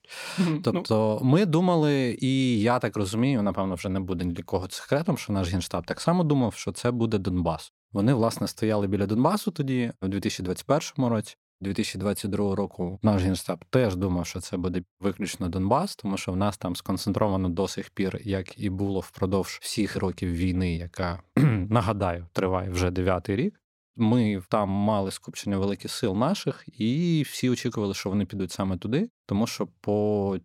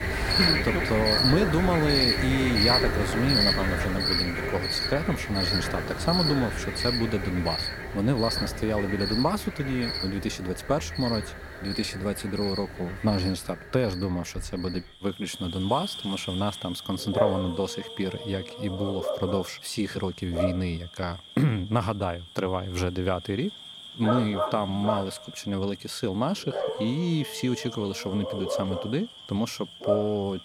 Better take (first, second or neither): first